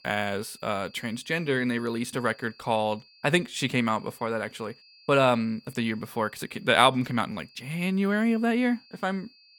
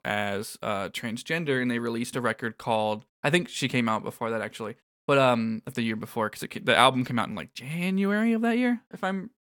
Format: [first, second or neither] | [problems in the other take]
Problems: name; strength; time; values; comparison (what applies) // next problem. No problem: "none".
second | high-pitched whine; faint; throughout; 4.5 kHz, 25 dB below the speech